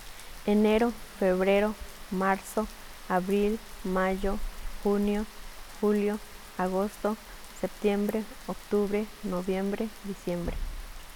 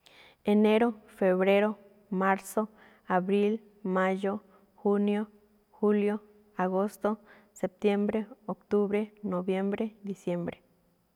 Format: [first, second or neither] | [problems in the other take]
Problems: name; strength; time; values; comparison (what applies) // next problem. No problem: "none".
second | background sound (Rain); 11 dB below the speech